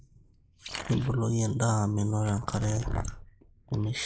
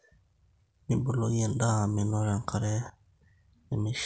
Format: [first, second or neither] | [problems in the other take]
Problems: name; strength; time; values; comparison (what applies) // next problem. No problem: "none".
second | noise reduction (neural mask model Resemble Enhance denoiser)